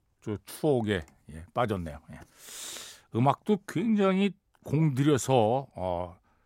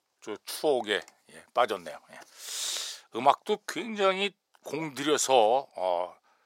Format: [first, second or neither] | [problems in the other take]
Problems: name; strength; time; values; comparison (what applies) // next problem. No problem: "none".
first | thin; very; fading below 550 Hz